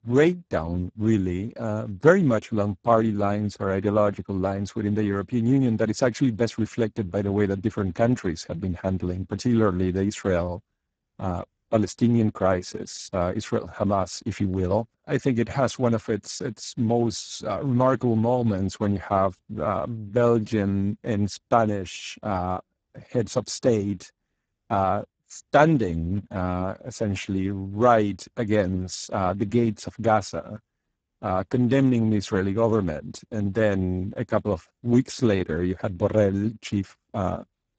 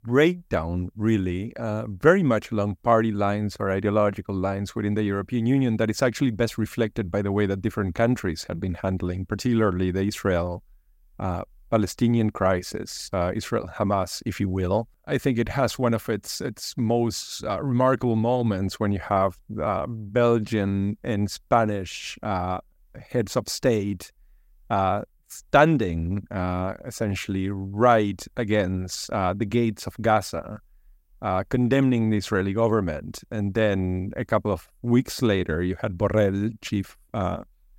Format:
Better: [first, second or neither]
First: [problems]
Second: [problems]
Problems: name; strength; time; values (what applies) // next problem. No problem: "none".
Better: second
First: garbled, watery; badly; nothing above 7.5 kHz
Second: none